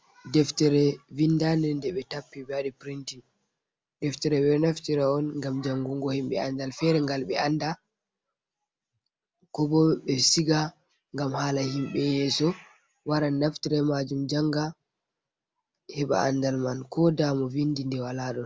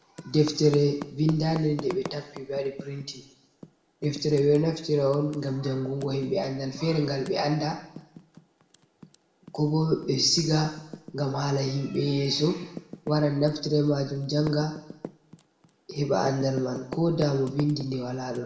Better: first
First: none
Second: background sound (Typing); 17 dB below the speech // room echo; dies away in 0.8 s

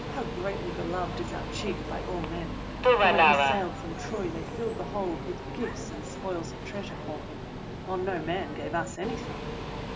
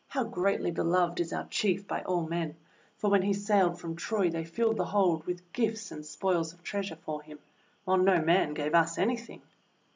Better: second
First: background sound (Subway, metro, underground); 4 dB above the speech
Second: none

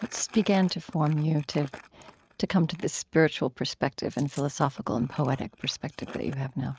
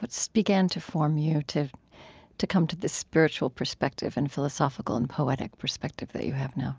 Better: second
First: noise reduction (neural mask model RNNoise)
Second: none

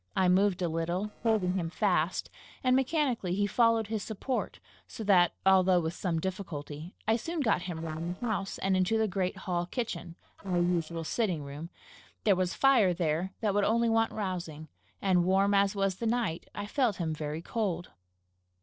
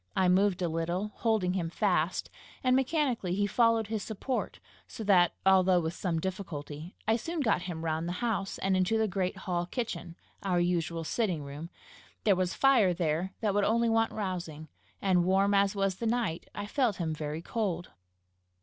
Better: second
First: noise reduction (neural separator model SepFormer DNS4)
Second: none

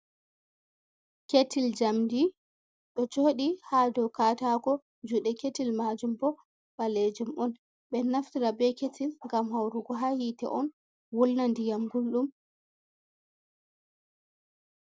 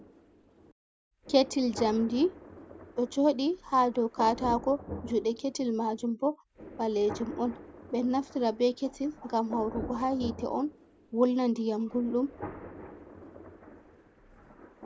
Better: first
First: none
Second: background sound (Thunder); 15 dB below the speech

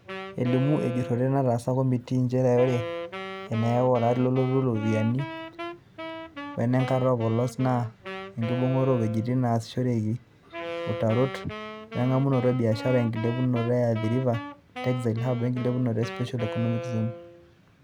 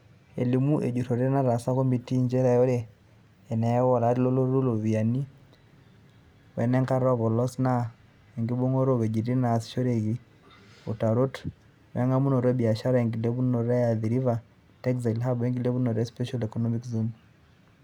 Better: second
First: background sound (Wind instrument, woodwind instrument); 11 dB below the speech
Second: none

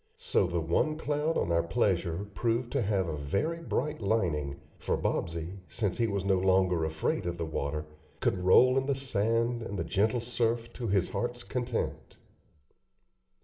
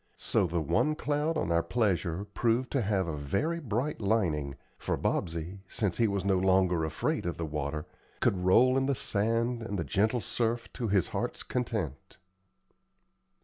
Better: second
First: room echo; dies away in 0.9 s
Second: none

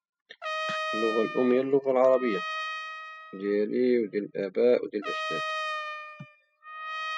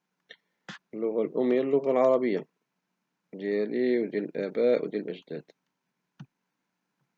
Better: second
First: noise reduction (classical method spectral subtraction)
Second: none

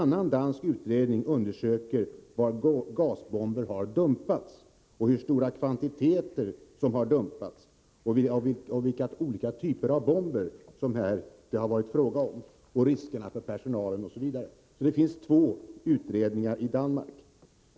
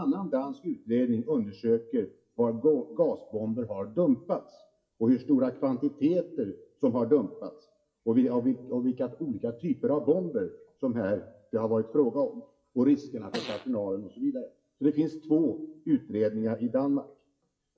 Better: first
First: none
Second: noise reduction (classical method WPE with log-MMSE)

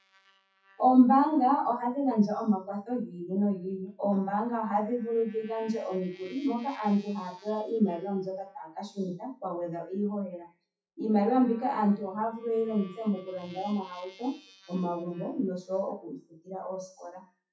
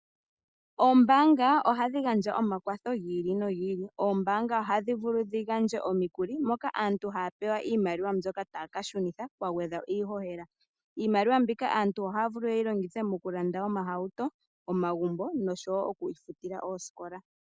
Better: second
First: noise reduction (classical method WPE with log-MMSE)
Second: none

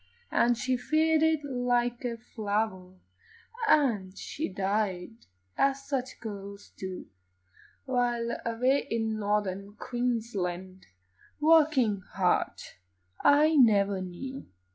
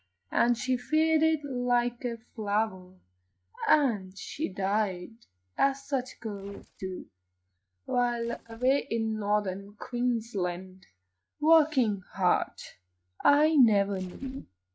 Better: first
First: none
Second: noise reduction (neural mask model RNNoise)

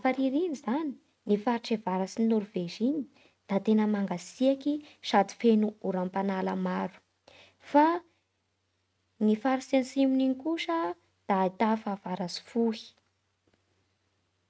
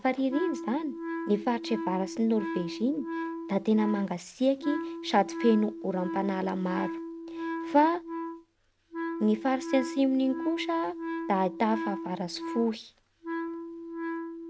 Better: first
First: none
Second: background sound (Wind instrument, woodwind instrument); 7 dB below the speech

